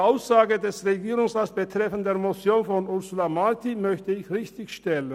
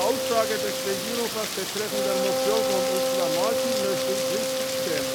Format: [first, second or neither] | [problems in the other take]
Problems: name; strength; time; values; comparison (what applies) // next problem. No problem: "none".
first | background sound (Wind instrument, woodwind instrument + Rain); 4 dB above the speech